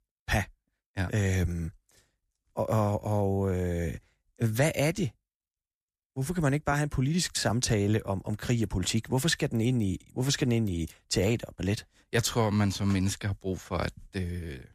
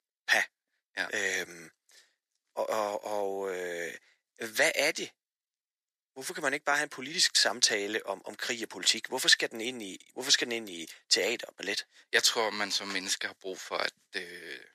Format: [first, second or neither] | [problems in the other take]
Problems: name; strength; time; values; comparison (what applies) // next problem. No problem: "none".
first | thin; very; fading below 400 Hz